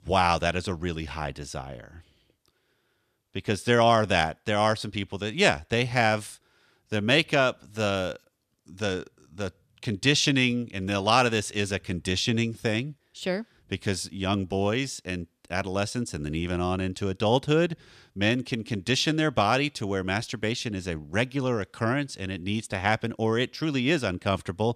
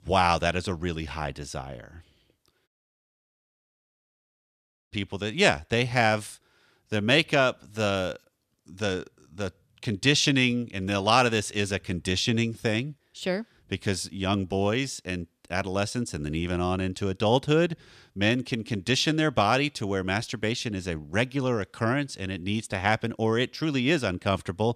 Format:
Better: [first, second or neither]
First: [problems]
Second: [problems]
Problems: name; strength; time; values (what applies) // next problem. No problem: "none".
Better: first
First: none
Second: audio cutting out; at 2.5 s for 2 s